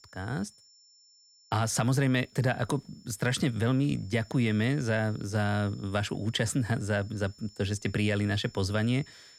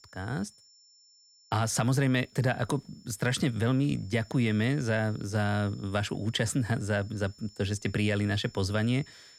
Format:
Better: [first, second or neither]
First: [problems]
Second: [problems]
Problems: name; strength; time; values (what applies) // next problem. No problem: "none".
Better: neither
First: high-pitched whine; faint; throughout; 5.5 kHz, 25 dB below the speech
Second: high-pitched whine; faint; throughout; 5.5 kHz, 25 dB below the speech